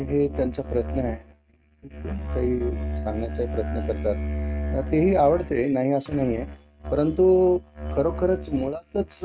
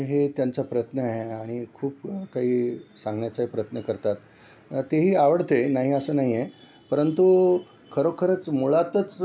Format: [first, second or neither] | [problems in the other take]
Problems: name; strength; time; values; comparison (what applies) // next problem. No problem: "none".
second | noise reduction (neural mask model RNNoise)